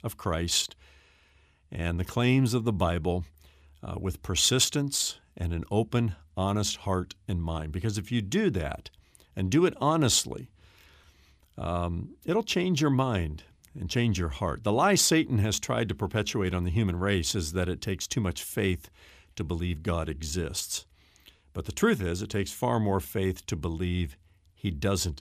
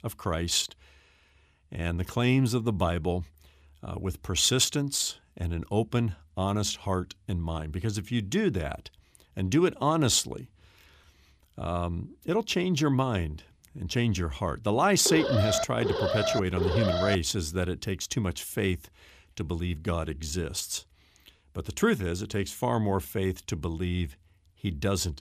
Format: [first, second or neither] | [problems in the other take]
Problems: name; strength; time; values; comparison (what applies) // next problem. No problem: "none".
first | alarm; loud; from 15 to 17 s; peak level with the speech